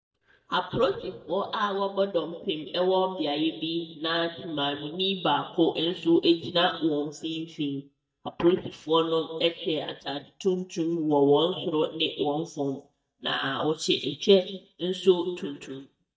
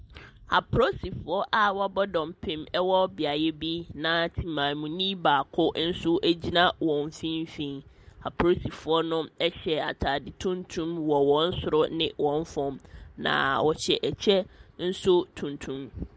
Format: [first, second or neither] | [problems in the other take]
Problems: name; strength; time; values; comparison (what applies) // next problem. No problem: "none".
second | noise reduction (neural mask model DeepFilterNet 3)